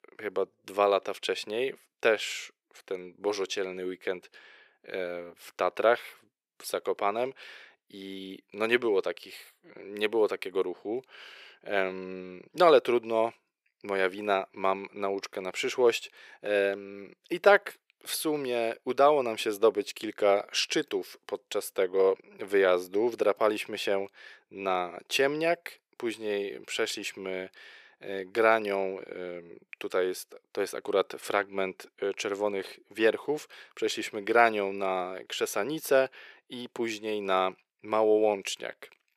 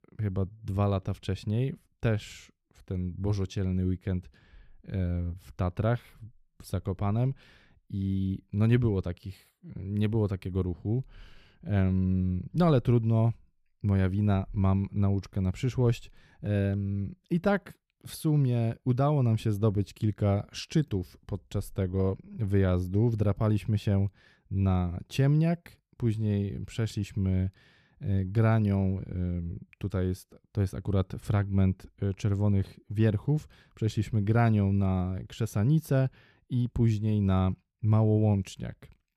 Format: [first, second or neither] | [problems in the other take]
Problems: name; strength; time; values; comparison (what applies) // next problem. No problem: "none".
second | thin; very; fading below 400 Hz